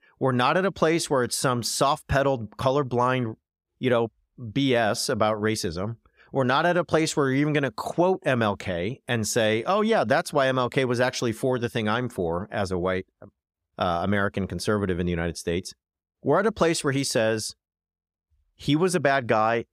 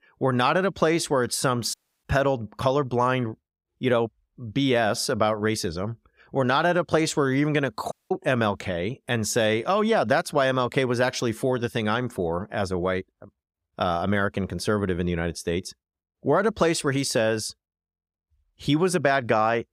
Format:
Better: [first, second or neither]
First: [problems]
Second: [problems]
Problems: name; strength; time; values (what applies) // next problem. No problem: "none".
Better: first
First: none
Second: audio cutting out; at 1.5 s and at 8 s